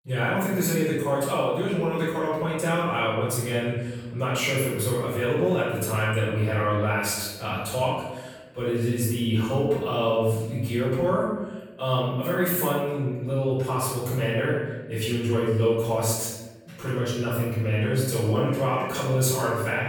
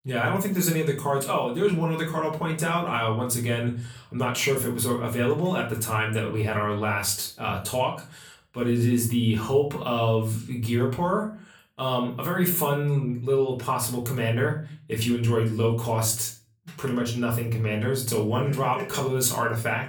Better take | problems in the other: second | room echo; strong; dies away in 1.1 s; slight in the second // off-mic speech; far; far in the second

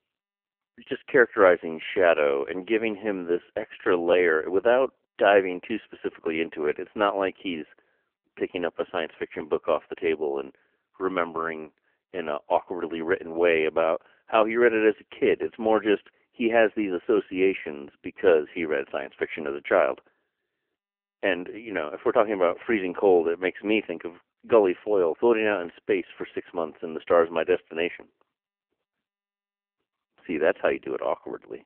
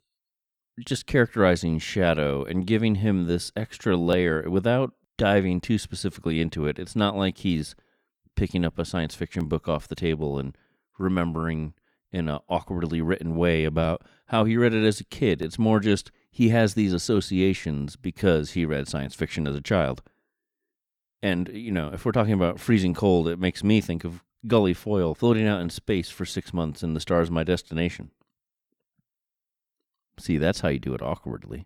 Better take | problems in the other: second | phone-call audio; poor line; nothing above 3 kHz

